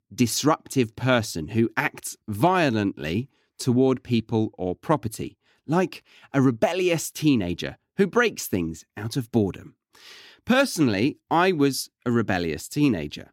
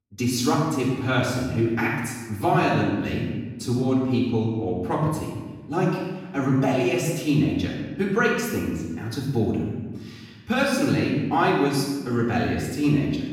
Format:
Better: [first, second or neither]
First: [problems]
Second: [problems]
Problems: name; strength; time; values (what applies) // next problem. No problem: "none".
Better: first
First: none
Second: off-mic speech; far // room echo; noticeable; dies away in 1.2 s